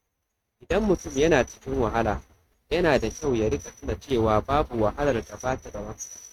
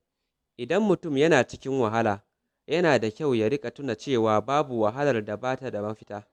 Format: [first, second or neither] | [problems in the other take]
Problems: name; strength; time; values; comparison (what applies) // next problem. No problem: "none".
second | noise reduction (neural mask model RNNoise)